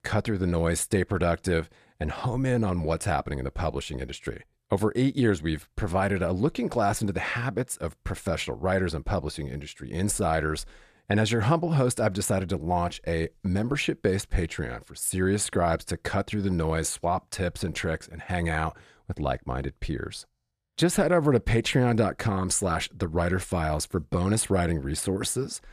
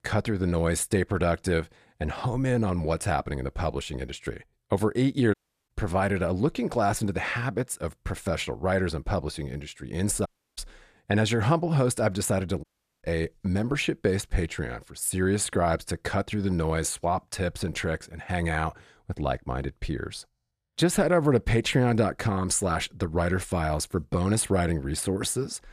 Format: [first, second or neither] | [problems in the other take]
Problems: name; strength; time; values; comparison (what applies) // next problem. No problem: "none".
first | audio cutting out; at 5.5 s, at 10 s and at 13 s